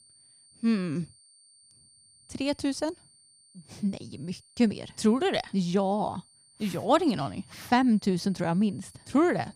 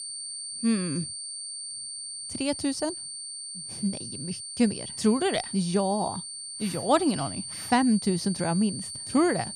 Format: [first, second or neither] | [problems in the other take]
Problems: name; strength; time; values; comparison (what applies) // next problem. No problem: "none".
first | high-pitched whine; loud; throughout; 9 kHz, 7 dB below the speech; faint in the first